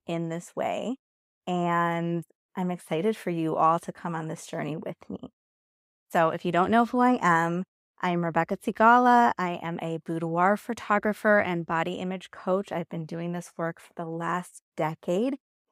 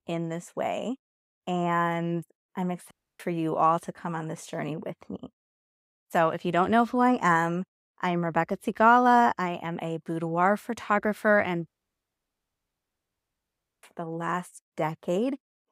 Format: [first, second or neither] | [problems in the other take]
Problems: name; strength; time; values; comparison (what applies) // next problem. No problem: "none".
first | audio cutting out; at 3 s and at 12 s for 2 s